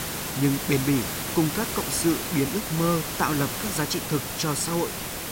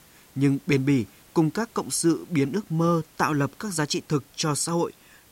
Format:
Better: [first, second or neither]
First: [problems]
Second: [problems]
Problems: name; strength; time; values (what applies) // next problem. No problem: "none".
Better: second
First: hiss; loud; throughout; 3 dB below the speech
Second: hiss; faint; throughout; 25 dB below the speech